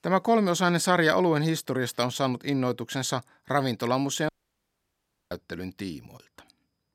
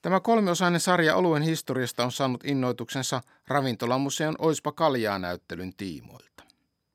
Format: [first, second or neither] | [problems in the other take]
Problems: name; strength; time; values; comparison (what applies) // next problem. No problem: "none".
second | audio cutting out; at 4.5 s for 1 s